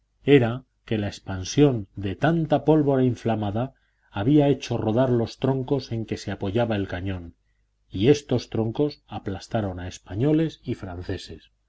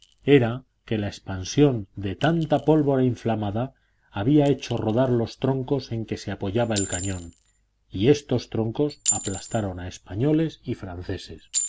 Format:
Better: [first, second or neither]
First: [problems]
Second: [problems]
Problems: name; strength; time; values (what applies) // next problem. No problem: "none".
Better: first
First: none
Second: background sound (Chink, clink); 12 dB below the speech